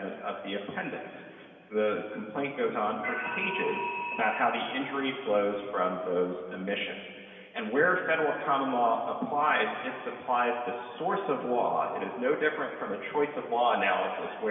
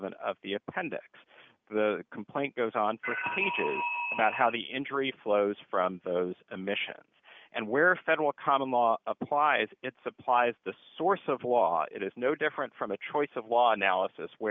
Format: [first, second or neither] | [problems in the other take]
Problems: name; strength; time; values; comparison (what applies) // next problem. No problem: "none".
second | room echo; dies away in 2.7 s